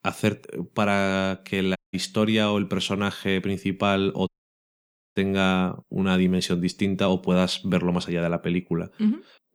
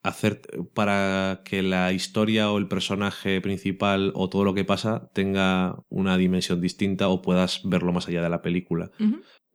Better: second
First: audio cutting out; at 2 s and at 4.5 s for 1 s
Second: none

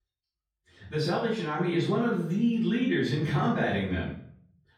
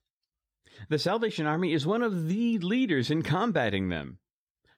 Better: second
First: off-mic speech; far // room echo; noticeable; dies away in 0.5 s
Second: none

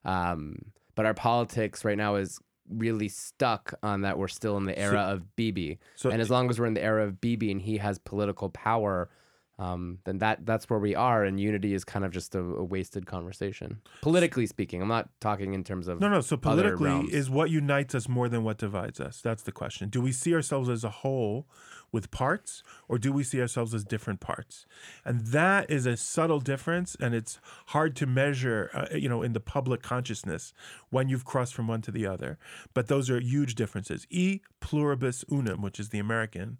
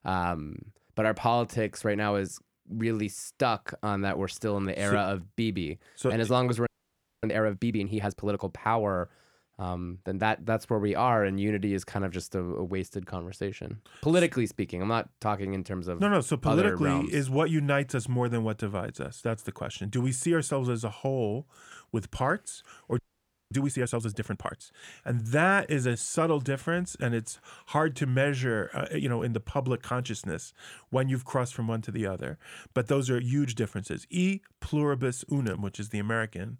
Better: first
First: none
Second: audio freezing; at 6.5 s for 0.5 s and at 23 s for 0.5 s

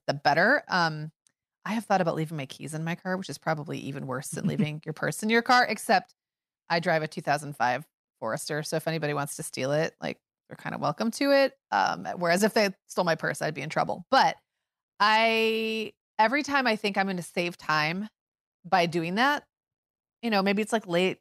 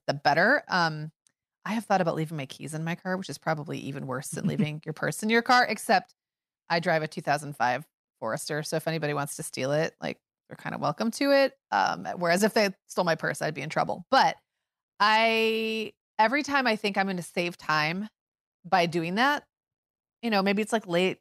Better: neither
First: none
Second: none

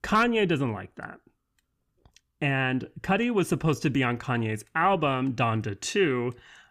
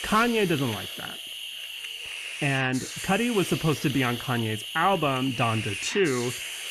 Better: first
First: none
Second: hiss; loud; throughout; 7 dB below the speech

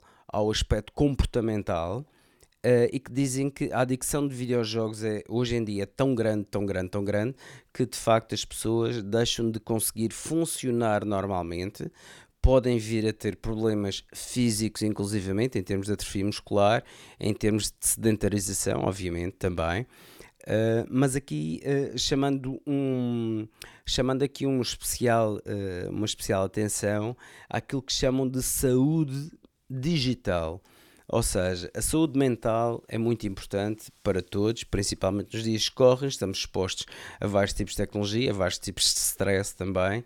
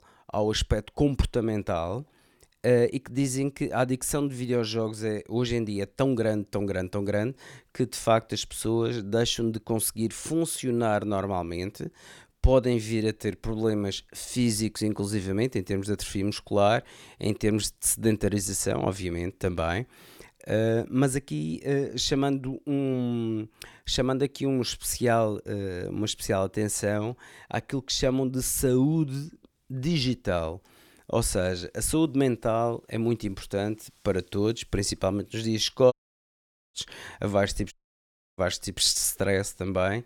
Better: first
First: none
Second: audio cutting out; at 36 s for 1 s and at 38 s for 0.5 s

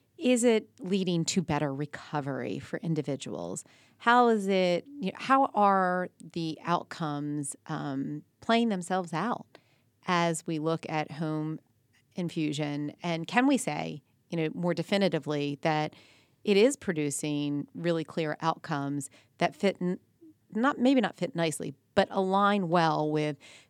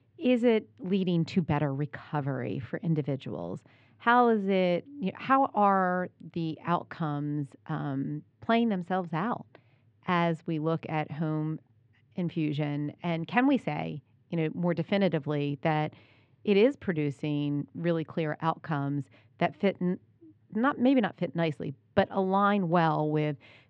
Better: first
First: none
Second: muffled; slightly; fading above 3 kHz

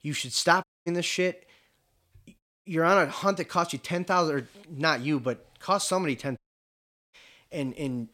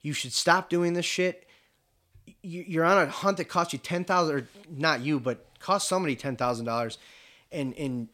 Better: second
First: audio cutting out; at 0.5 s, at 2.5 s and at 6.5 s for 1 s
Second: none

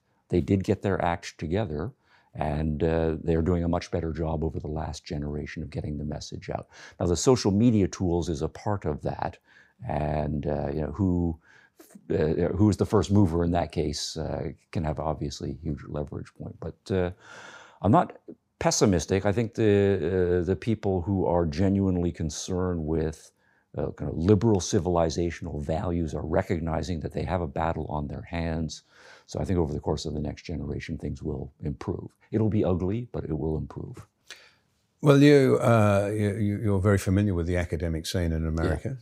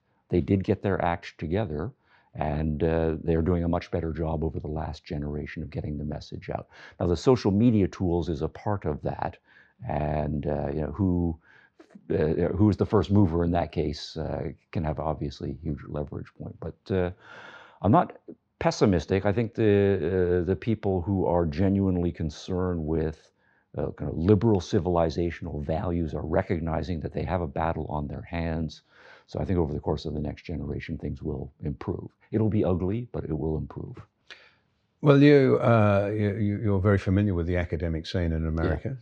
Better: first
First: none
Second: muffled; slightly; fading above 4 kHz

